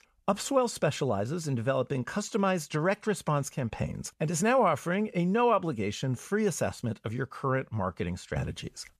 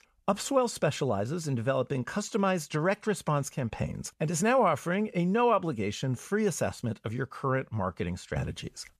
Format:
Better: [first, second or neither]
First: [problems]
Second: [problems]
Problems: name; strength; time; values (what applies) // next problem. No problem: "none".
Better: neither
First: none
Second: none